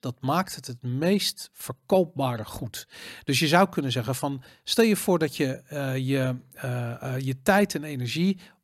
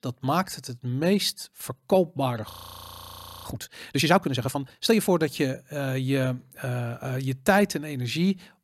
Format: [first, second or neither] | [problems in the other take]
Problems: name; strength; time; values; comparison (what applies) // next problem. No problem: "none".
first | audio freezing; at 2.5 s for 1 s